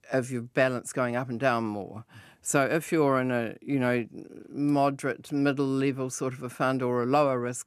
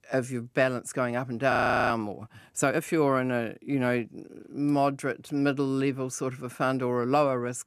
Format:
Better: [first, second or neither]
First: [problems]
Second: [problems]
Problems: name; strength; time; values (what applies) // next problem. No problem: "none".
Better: first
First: none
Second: audio freezing; at 1.5 s